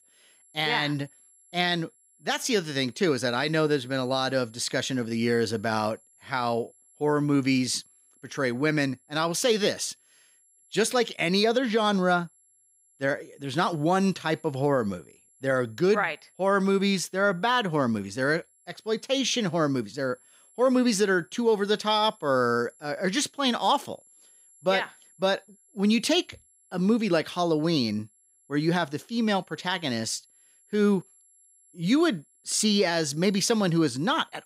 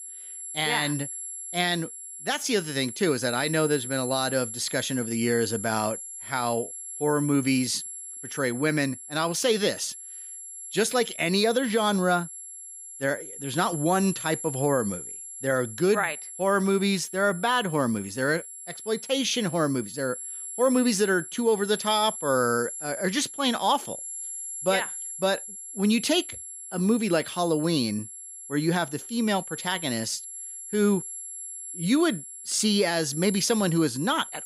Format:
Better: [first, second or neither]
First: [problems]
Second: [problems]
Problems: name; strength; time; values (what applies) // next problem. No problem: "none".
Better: first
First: high-pitched whine; faint; throughout; 11 kHz, 30 dB below the speech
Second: high-pitched whine; loud; throughout; 11 kHz, 9 dB below the speech